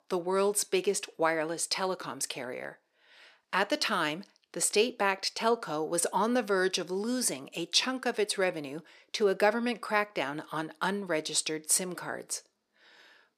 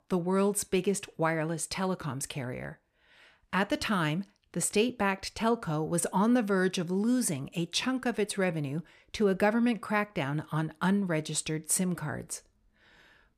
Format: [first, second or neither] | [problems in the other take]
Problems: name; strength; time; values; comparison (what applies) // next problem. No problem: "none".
second | thin; somewhat; fading below 400 Hz